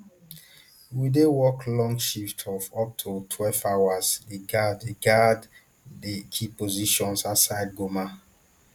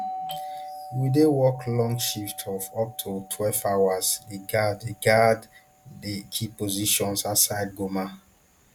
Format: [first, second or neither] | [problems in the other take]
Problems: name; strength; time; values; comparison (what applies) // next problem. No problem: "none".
first | background sound (Doorbell); 16 dB below the speech